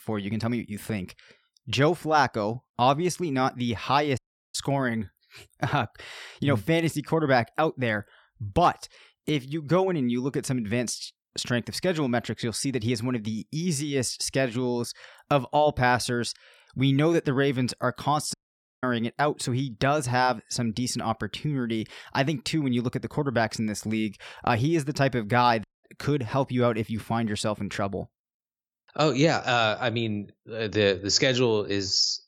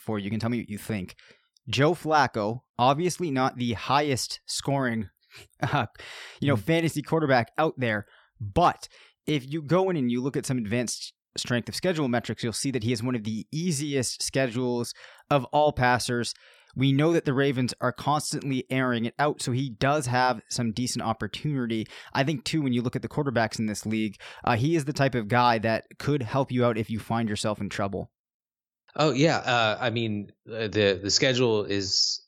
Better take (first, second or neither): second